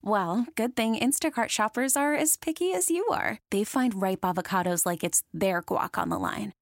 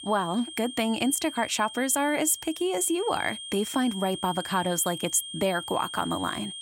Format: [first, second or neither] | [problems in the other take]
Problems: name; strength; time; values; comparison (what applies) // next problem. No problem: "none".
first | high-pitched whine; noticeable; throughout; 3 kHz, 10 dB below the speech